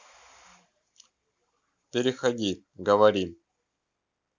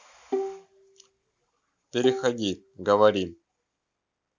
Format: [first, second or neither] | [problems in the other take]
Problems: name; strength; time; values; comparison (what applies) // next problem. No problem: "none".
first | background sound (Bowed string instrument); 6 dB below the speech